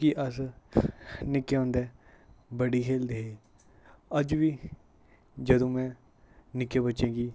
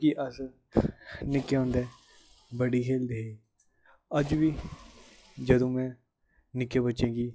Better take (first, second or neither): first